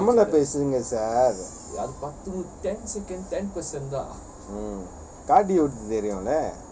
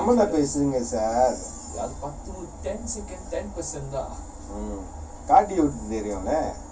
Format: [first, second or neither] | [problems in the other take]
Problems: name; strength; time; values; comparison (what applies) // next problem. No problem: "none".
first | room echo; dies away in 0.2 s